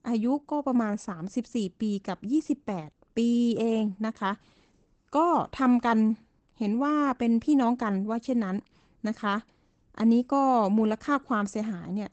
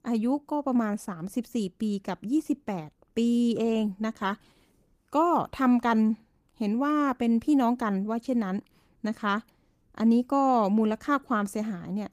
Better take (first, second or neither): second